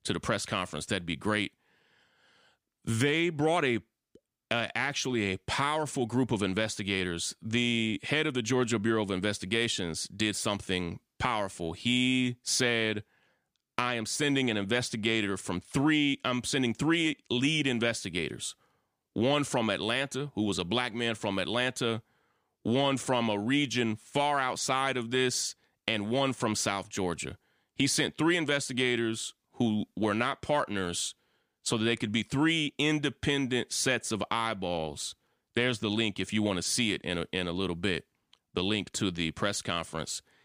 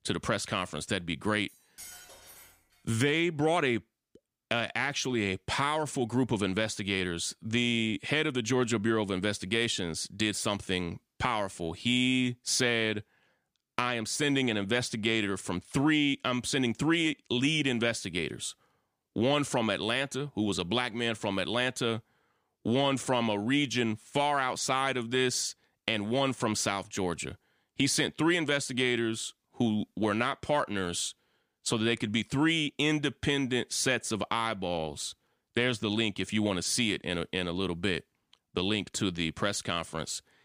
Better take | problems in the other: first | clattering dishes; faint; from 1.5 to 2.5 s; peak 15 dB below the speech

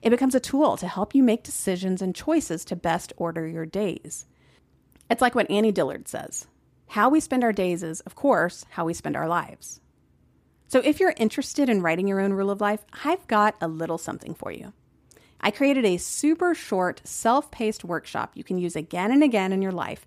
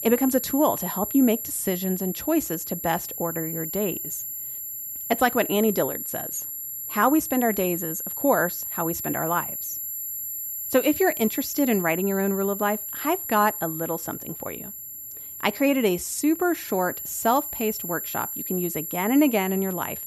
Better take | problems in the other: first | high-pitched whine; loud; throughout; 11.5 kHz, 5 dB below the speech

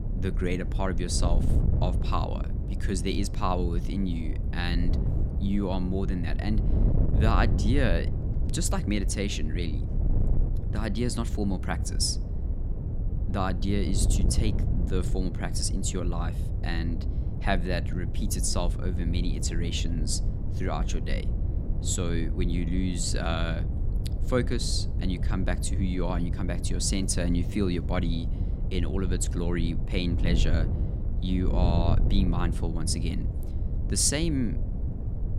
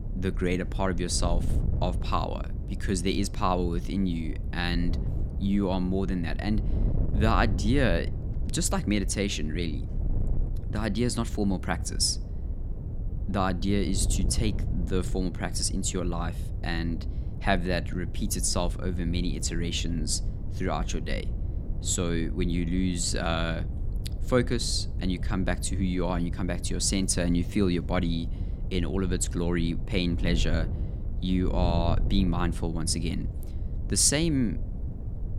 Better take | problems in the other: second | wind noise on the microphone; heavy; 10 dB below the speech; occasional gusts in the second

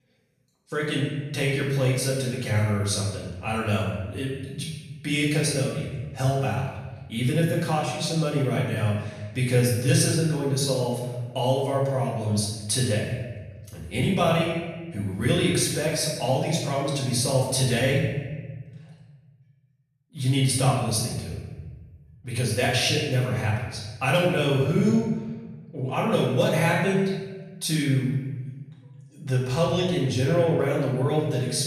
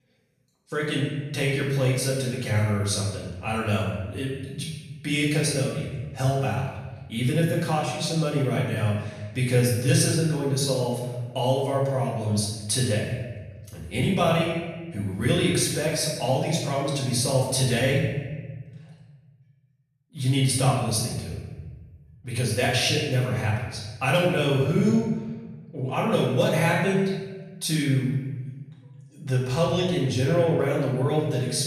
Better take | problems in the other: neither | room echo; noticeable; dies away in 1.2 s; the same in both // off-mic speech; far; the same in both

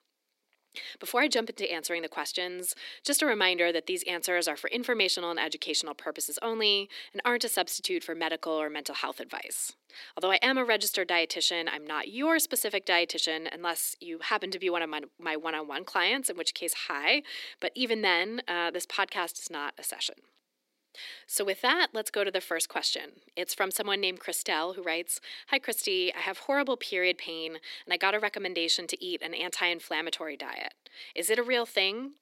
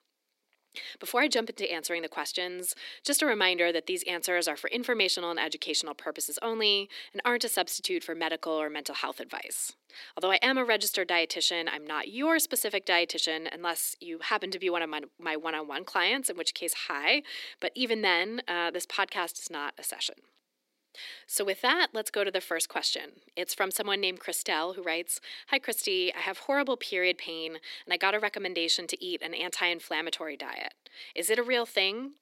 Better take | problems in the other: neither | thin; somewhat; fading below 300 Hz; the same in both

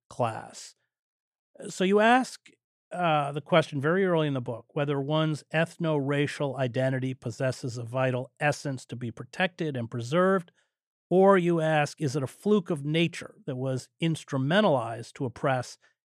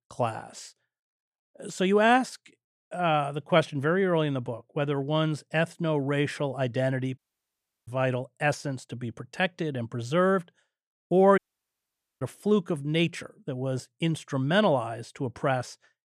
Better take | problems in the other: first | audio cutting out; at 7 s for 0.5 s and at 11 s for 1 s

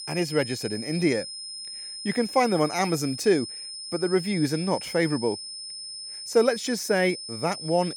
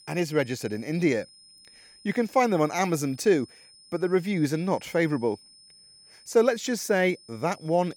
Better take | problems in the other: second | high-pitched whine; loud; throughout; 5 kHz, 9 dB below the speech; faint in the second

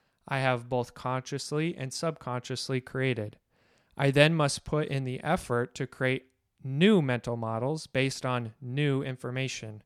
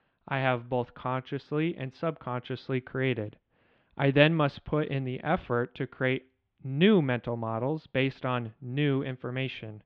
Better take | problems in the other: first | muffled; very; fading above 3.5 kHz

